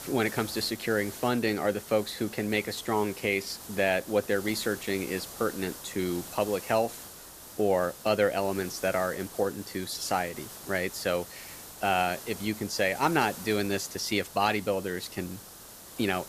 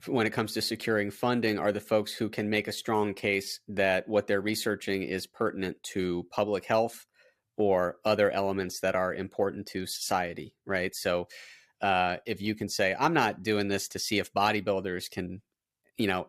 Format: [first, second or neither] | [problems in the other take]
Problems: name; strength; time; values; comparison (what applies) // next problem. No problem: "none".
second | hiss; noticeable; throughout; 15 dB below the speech